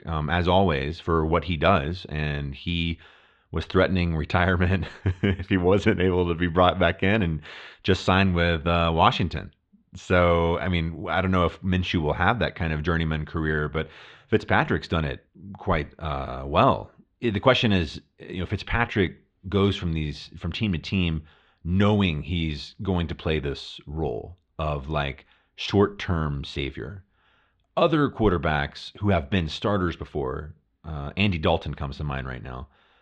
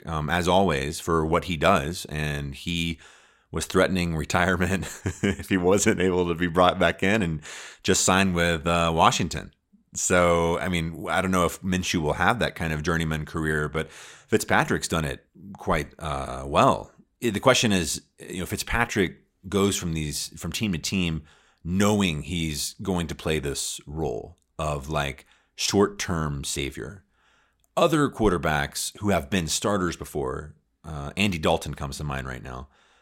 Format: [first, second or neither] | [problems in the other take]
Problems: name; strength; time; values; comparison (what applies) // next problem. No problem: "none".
second | muffled; slightly; fading above 3.5 kHz